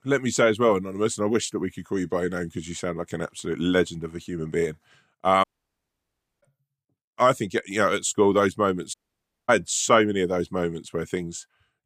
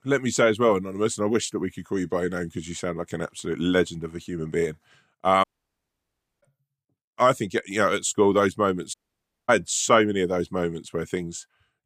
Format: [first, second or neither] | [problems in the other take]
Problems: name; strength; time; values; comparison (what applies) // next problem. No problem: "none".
neither | audio cutting out; at 5.5 s for 1 s and at 9 s for 0.5 s; the same in both